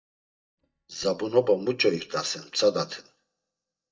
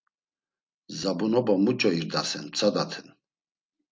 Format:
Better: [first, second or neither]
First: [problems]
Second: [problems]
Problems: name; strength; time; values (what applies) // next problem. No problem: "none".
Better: second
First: noise reduction (neural mask model DeepFilterNet 3)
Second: none